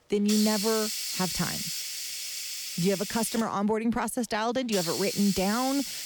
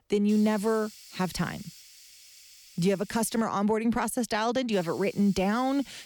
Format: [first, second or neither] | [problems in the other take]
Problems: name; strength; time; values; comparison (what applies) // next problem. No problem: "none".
second | hiss; loud; throughout; 3 dB below the speech; faint in the second